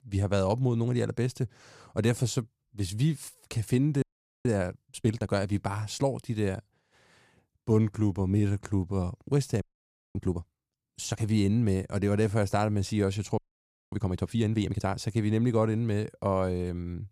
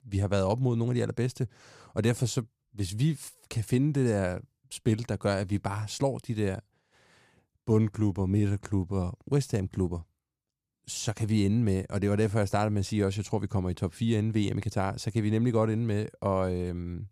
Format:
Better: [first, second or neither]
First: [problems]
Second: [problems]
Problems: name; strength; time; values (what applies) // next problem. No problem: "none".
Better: second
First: audio freezing; at 4 s, at 9.5 s for 0.5 s and at 13 s for 0.5 s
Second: none